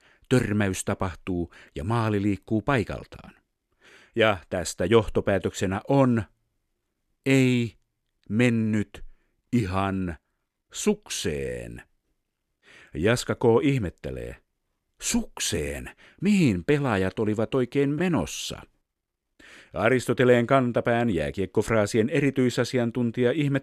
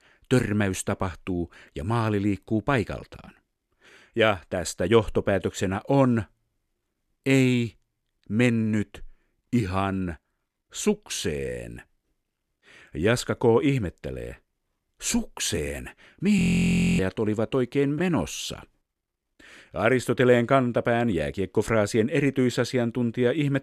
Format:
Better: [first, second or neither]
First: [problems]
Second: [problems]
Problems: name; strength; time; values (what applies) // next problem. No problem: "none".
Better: first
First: none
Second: audio freezing; at 16 s for 0.5 s